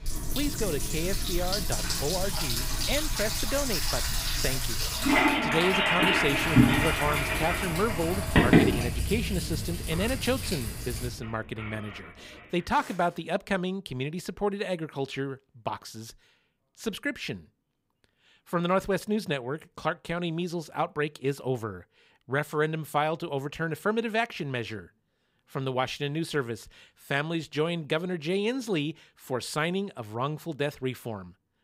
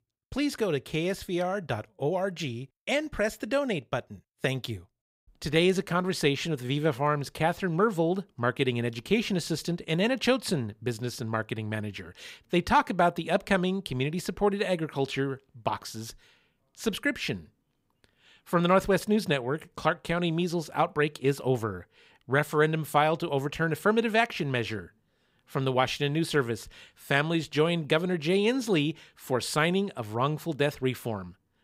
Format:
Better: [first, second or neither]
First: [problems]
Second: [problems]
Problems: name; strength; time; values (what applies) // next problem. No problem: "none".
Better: second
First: household noises; very loud; until 12 s; 4 dB above the speech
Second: none